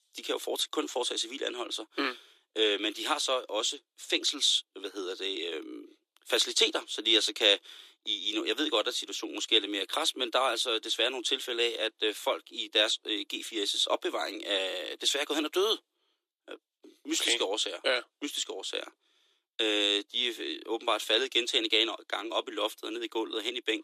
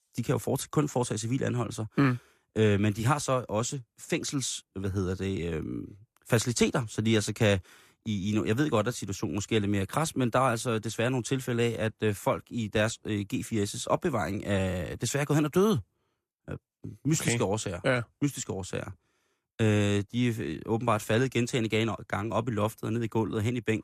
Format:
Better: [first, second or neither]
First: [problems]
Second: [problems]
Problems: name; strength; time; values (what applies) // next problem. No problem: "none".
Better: second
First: thin; very; fading below 300 Hz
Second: none